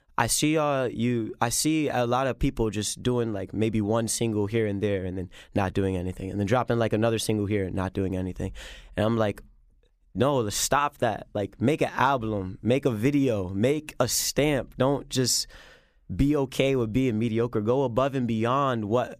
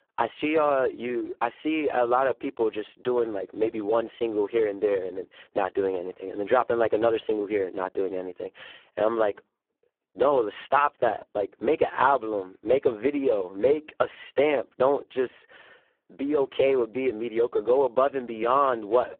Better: first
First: none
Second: phone-call audio; poor line

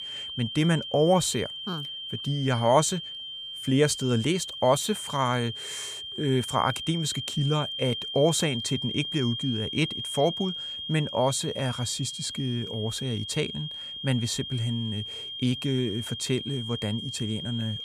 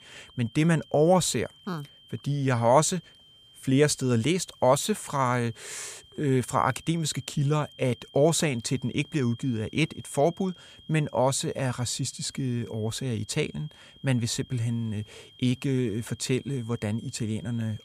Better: second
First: high-pitched whine; loud; throughout; 3 kHz, 6 dB below the speech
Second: high-pitched whine; faint; throughout; 3 kHz, 25 dB below the speech

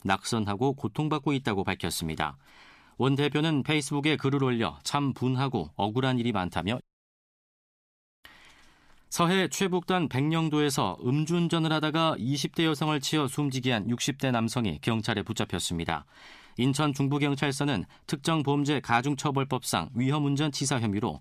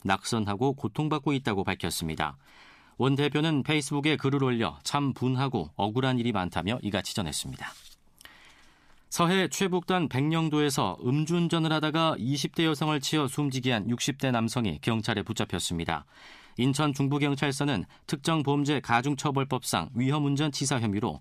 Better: second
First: audio cutting out; at 7 s for 1.5 s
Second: none

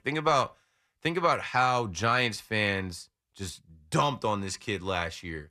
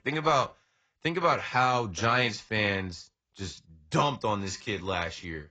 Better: first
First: none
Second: garbled, watery; badly; nothing above 7.5 kHz

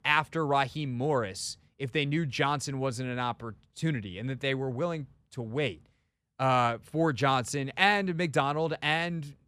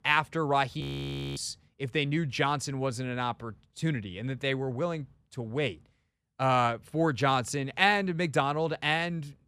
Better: first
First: none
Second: audio freezing; at 1 s for 0.5 s

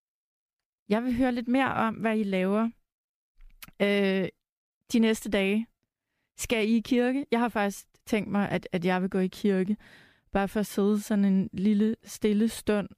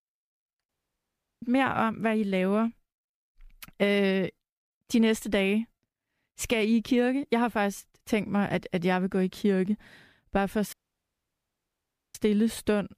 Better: first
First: none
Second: audio cutting out; at 0.5 s for 0.5 s and at 11 s for 1.5 s

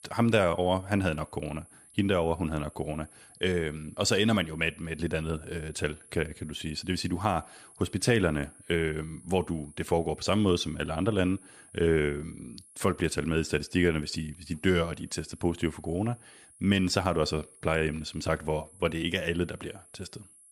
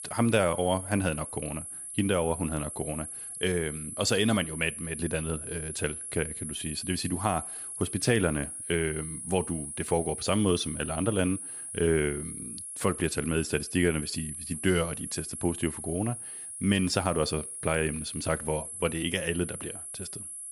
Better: first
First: high-pitched whine; faint; throughout; 11 kHz, 25 dB below the speech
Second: high-pitched whine; loud; throughout; 11 kHz, 7 dB below the speech

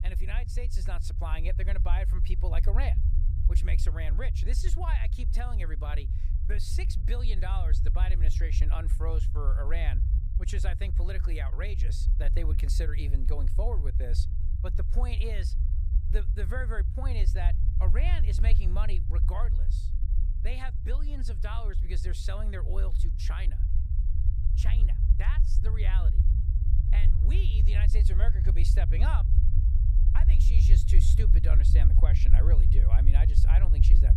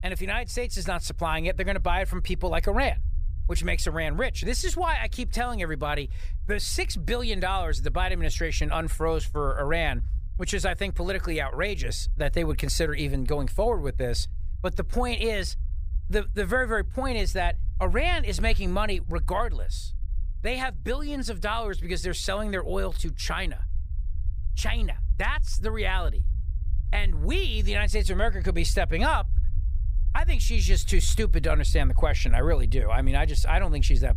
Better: second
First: low rumble; loud; throughout; 6 dB below the speech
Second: low rumble; faint; throughout; 25 dB below the speech

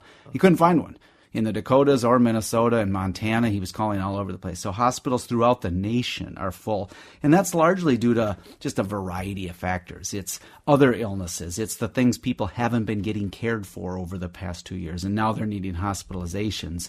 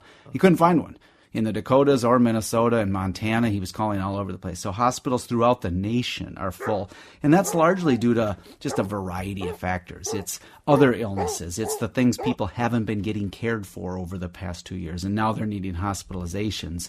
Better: first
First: none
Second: dog barking; noticeable; from 6.5 to 12 s; peak 7 dB below the speech

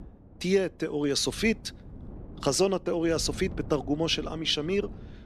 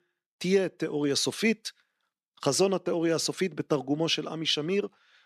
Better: second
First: wind noise on the microphone; occasional gusts; 25 dB below the speech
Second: none

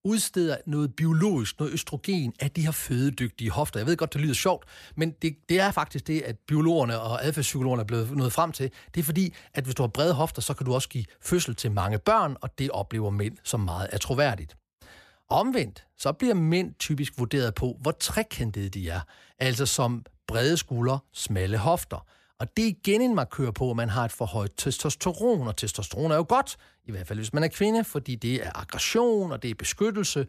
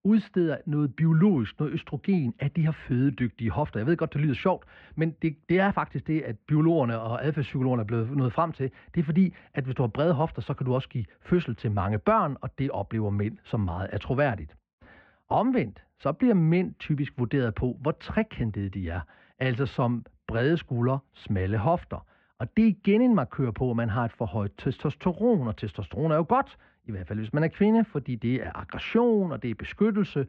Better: first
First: none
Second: muffled; very; fading above 2.5 kHz

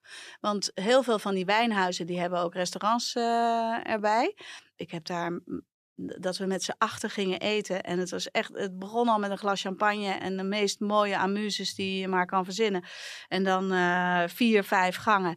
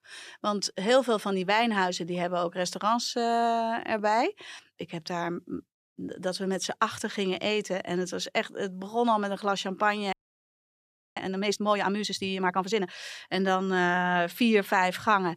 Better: first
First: none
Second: audio freezing; at 10 s for 1 s

